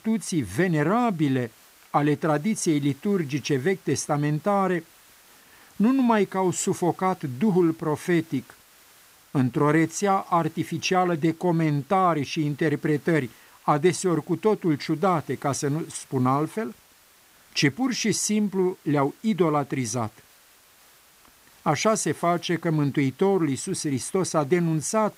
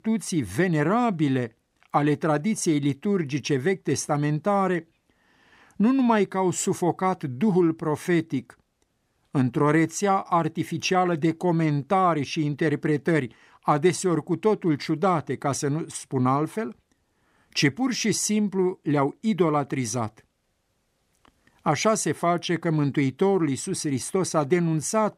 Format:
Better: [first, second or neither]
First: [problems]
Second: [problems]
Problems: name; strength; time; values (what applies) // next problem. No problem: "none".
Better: second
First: hiss; faint; throughout; 30 dB below the speech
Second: none